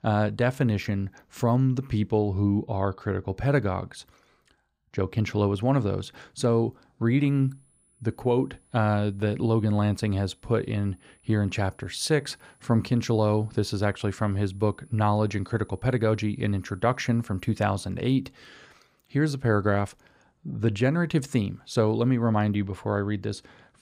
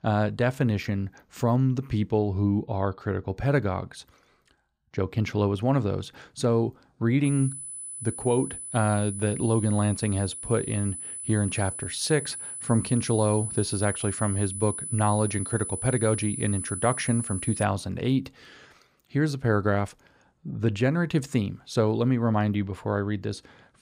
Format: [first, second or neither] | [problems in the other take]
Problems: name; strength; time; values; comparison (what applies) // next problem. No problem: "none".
first | high-pitched whine; loud; from 7.5 to 18 s; 10 kHz, 7 dB below the speech; faint in the first